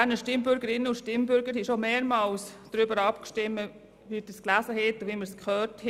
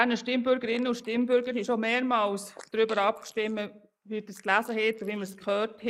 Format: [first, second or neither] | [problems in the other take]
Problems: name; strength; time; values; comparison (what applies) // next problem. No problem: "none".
first | noise reduction (neural mask model Resemble Enhance denoiser)